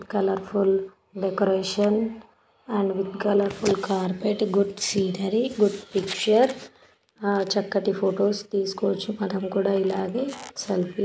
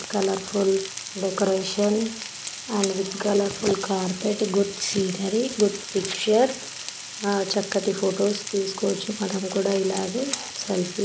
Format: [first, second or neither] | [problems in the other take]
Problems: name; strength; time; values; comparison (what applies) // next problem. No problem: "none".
first | background sound (Frying (food)); 10 dB below the speech